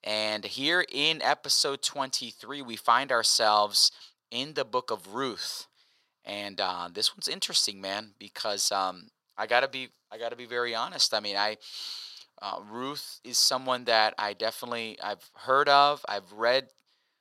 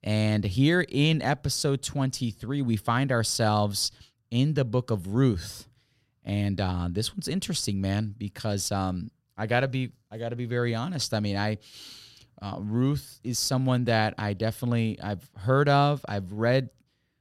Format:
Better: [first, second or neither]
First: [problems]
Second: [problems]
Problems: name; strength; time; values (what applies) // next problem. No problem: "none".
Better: second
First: thin; very; fading below 650 Hz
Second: none